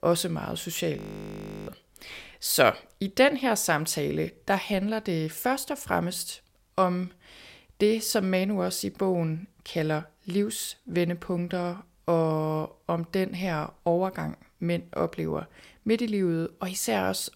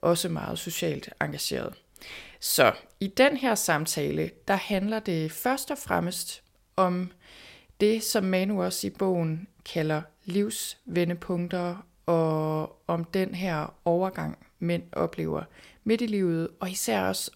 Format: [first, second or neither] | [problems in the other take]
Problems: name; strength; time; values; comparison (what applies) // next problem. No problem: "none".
second | audio freezing; at 1 s for 0.5 s